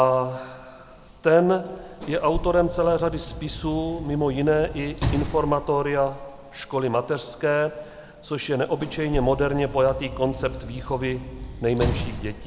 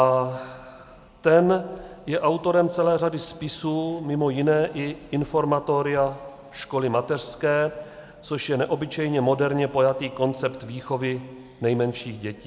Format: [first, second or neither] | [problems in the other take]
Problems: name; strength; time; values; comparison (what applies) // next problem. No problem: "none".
second | background sound (Sliding door / Slam); 10 dB below the speech